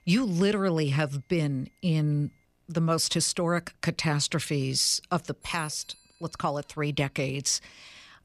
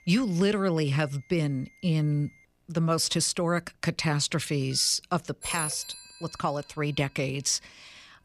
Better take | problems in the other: first | alarms or sirens; loud; throughout; 9 dB below the speech; faint in the first

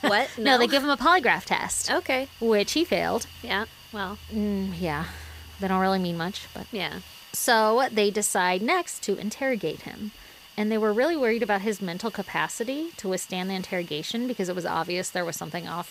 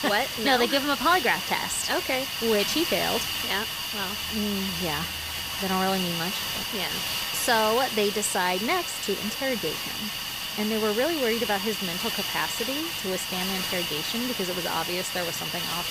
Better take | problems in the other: first | hiss; loud; throughout; 1 dB below the speech; faint in the first

